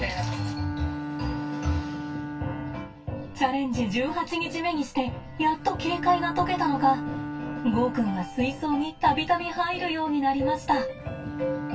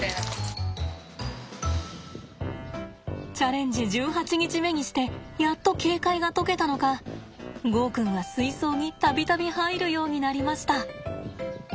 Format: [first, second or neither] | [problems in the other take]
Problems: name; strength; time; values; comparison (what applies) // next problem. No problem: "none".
second | background sound (Bowed string instrument); 9 dB below the speech // room echo; dies away in 0.1 s